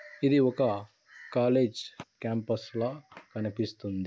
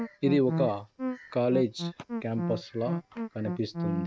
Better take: first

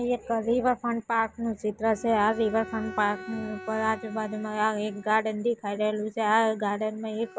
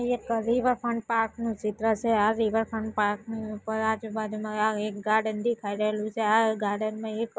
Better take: second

